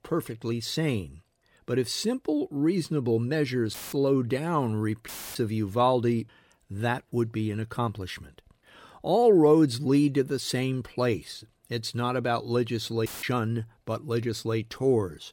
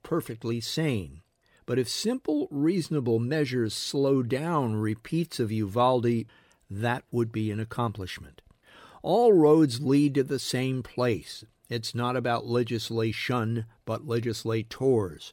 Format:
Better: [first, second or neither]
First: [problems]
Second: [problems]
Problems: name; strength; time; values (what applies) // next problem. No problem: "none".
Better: second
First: audio cutting out; filled with static; at 3.5 s, at 5 s and at 13 s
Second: none